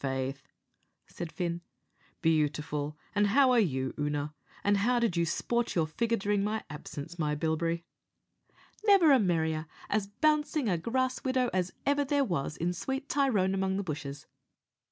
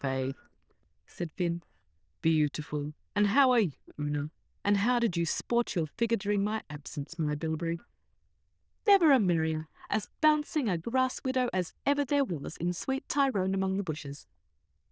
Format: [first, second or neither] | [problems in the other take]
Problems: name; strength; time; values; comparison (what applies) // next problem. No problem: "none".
first | noise reduction (neural diffusion model UNIVERSE++)